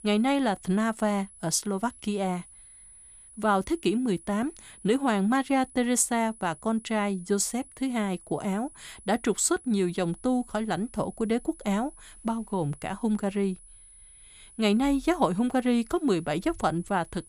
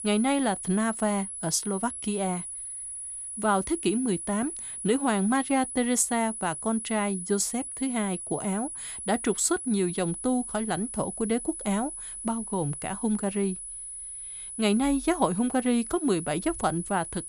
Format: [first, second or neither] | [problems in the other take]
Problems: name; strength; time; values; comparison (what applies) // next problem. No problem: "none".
first | high-pitched whine; loud; throughout; 10 kHz, 7 dB below the speech; faint in the first